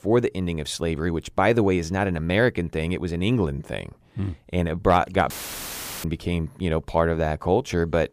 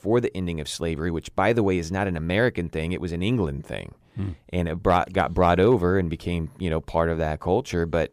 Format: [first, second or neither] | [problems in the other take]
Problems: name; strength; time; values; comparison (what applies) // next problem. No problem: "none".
second | audio cutting out; filled with static; at 5.5 s for 0.5 s